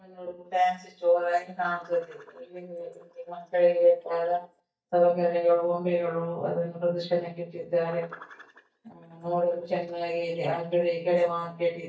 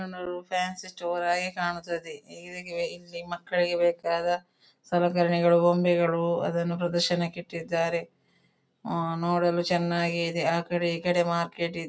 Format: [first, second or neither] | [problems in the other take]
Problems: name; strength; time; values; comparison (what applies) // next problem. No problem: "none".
second | noise reduction (neural mask model DeepFilterNet 3)